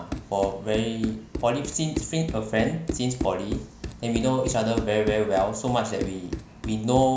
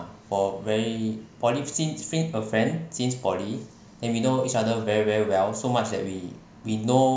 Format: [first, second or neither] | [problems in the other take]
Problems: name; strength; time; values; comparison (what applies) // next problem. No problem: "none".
second | background sound (Run); 9 dB below the speech